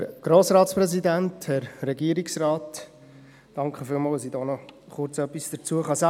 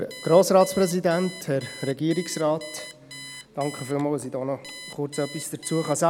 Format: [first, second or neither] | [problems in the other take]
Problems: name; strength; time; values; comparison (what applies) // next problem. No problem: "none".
first | background sound (Alarm); 17 dB below the speech